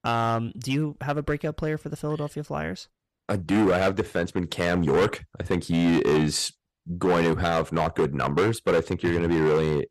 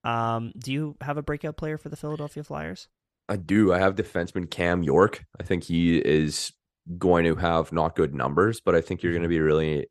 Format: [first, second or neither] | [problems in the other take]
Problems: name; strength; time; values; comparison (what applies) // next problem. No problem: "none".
second | distortion; heavy; 9% of the sound clipped